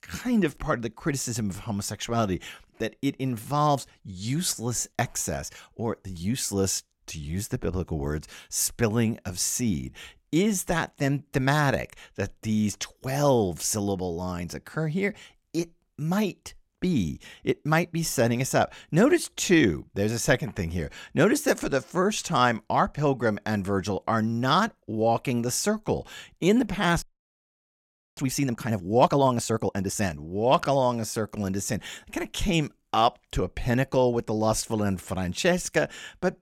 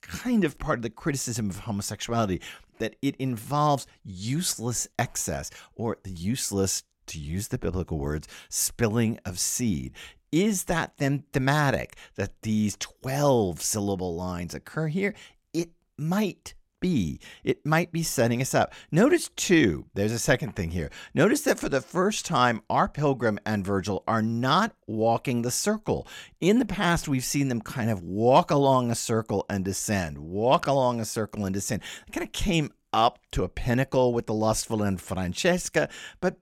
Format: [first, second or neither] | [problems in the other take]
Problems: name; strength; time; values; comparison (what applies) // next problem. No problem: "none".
second | audio freezing; at 27 s for 1 s